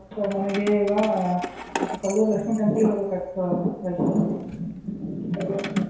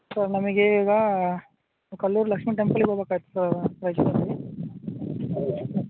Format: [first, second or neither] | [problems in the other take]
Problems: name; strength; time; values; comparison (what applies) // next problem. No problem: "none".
second | background sound (Keys jangling); 13 dB below the speech // room echo; dies away in 0.7 s